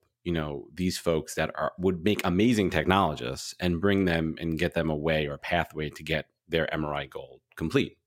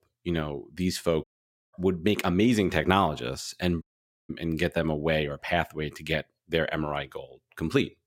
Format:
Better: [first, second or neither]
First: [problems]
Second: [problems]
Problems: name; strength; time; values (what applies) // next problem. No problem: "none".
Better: first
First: none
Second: audio cutting out; at 1 s and at 4 s